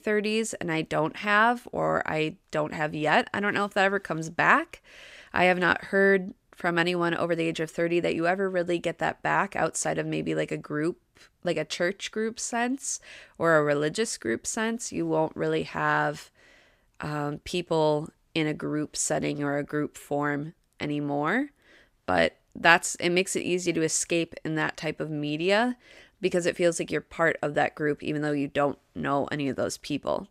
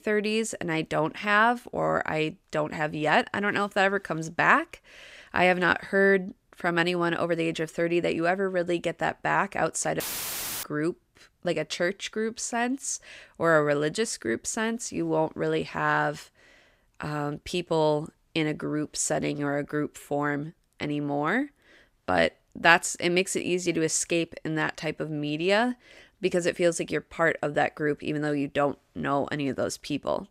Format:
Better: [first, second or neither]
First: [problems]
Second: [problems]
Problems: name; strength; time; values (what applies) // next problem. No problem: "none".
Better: first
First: none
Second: audio cutting out; filled with static; at 10 s for 0.5 s